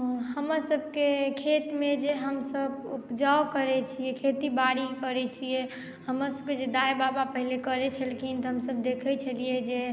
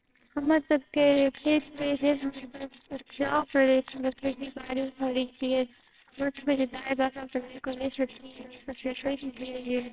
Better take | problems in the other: first | noise reduction (neural separator model SepFormer WHAMR!)

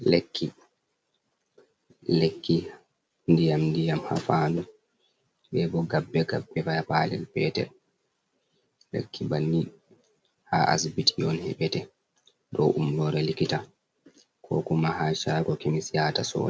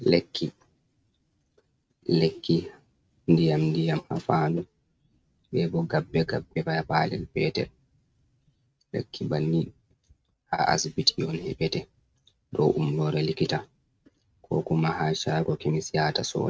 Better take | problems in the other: first | noise reduction (neural mask model RNNoise)

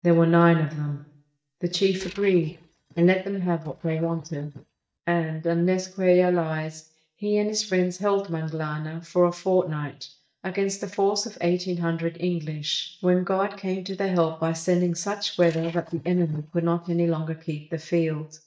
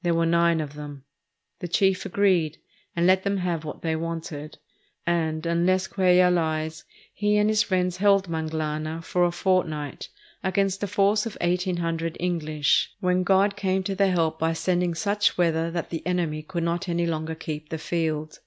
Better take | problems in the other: second | noise reduction (neural mask model DeepFilterNet 3)

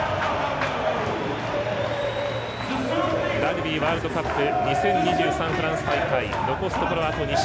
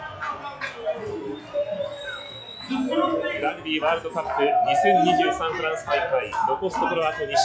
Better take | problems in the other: first | noise reduction (classical method log-MMSE)

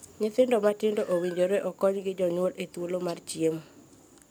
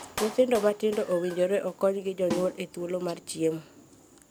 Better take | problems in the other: first | background sound (Clapping + Snare drum); 14 dB below the speech

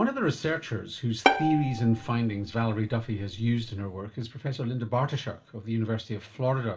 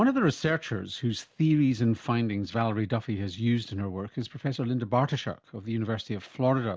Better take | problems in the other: second | background sound (Bowed string instrument); 3 dB below the speech // room echo; dies away in 0.5 s

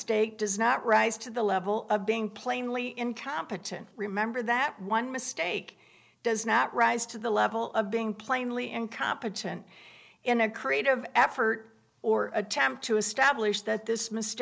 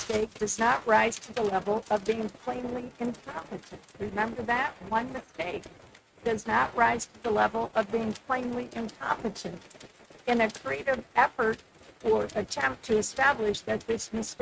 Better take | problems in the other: first | noise reduction (neural mask model RNNoise)

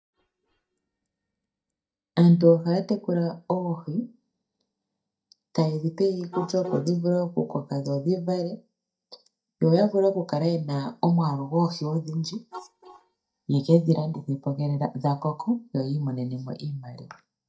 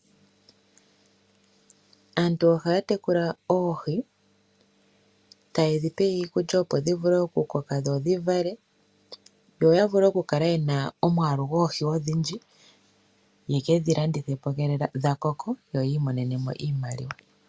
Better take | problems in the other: second | noise reduction (neural mask model DeepFilterNet 3)

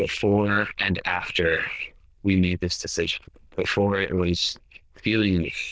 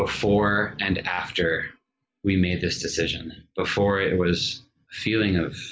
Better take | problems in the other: second | noise reduction (neural diffusion model UNIVERSE++)

